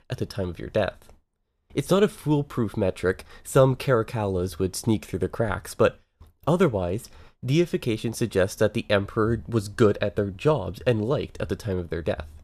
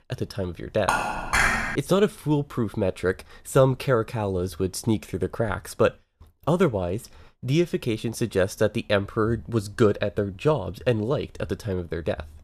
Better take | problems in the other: first | clattering dishes; loud; at 1 s; peak 5 dB above the speech

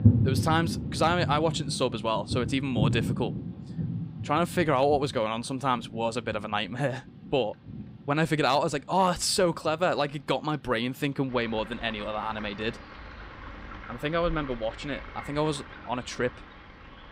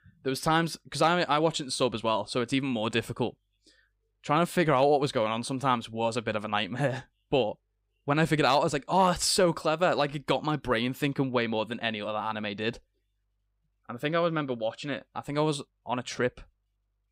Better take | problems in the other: second | rain or running water; loud; throughout; 7 dB below the speech

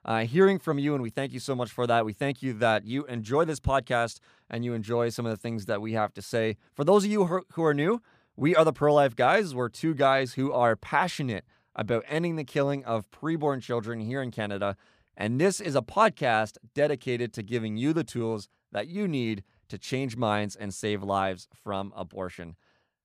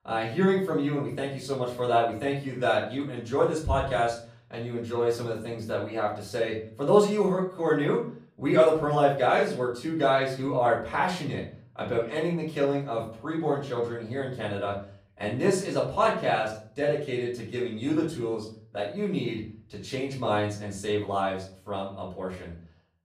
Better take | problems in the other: first | off-mic speech; far // room echo; slight; dies away in 0.4 s

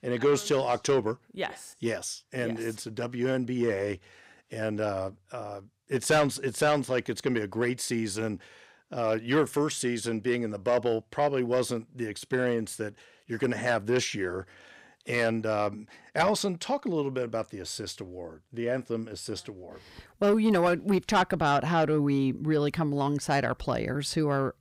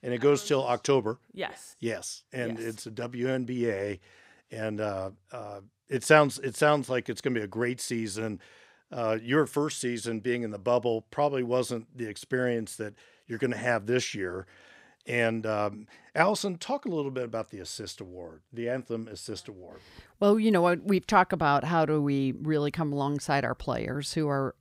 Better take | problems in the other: second | distortion; slight; 10 dB below the speech

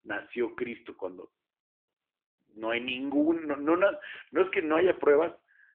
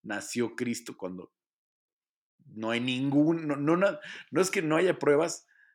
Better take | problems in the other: second | phone-call audio; nothing above 3 kHz

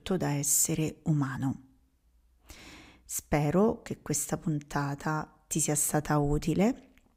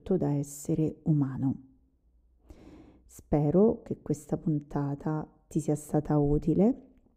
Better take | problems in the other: first | muffled; very; fading above 1 kHz

